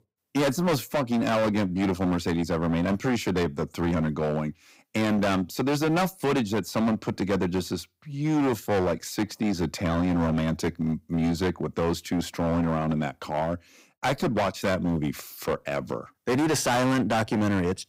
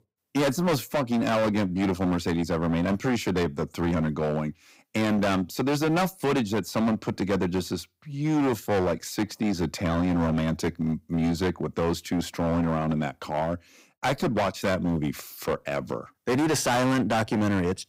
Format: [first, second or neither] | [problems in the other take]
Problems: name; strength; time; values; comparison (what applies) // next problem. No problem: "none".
neither | distortion; heavy; 17% of the sound clipped; the same in both